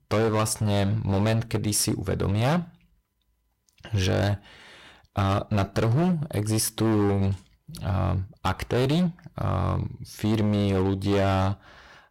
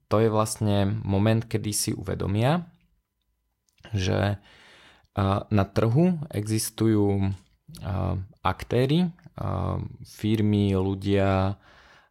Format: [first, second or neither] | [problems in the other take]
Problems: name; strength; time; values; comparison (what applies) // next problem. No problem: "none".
second | distortion; heavy; 14% of the sound clipped